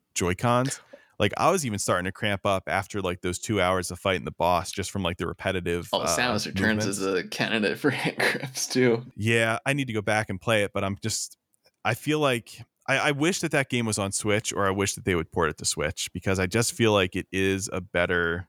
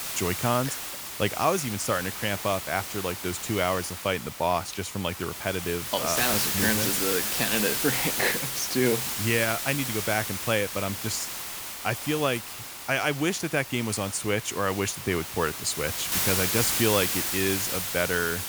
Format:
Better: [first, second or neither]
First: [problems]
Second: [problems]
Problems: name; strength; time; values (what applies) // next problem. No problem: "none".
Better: first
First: none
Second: hiss; loud; throughout; 1 dB below the speech